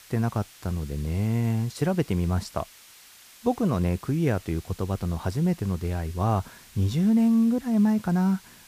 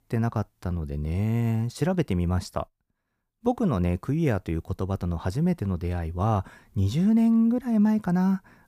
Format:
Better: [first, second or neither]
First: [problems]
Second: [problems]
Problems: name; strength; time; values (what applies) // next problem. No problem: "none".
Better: second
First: hiss; faint; throughout; 20 dB below the speech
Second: none